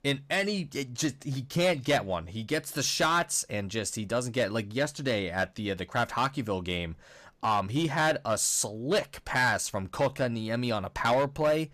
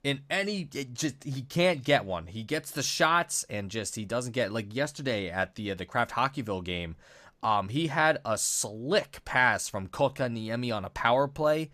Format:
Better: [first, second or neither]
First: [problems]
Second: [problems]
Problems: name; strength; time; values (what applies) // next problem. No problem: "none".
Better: second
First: distortion; slight; 4% of the sound clipped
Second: none